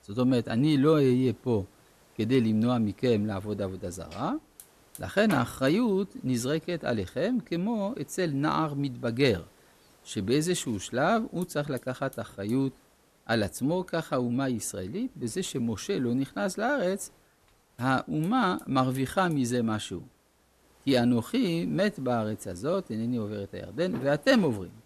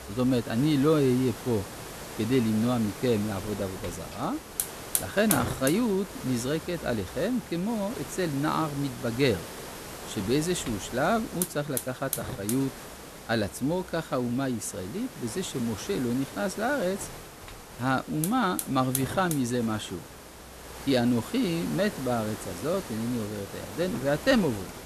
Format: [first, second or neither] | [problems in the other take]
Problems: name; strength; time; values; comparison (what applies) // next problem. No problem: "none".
first | hiss; loud; throughout; 9 dB below the speech; faint in the first